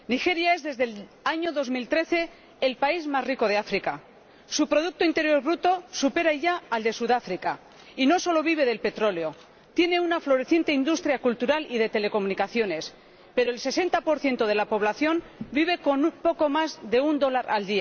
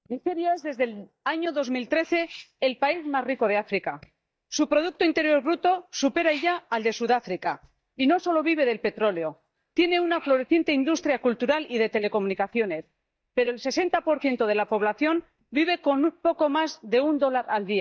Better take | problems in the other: first | noise reduction (neural mask model DeepFilterNet 3)

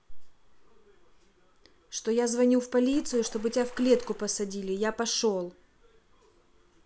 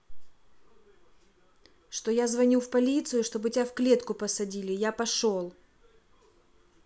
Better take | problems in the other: second | background sound (Water / Splash, splatter); 12 dB below the speech

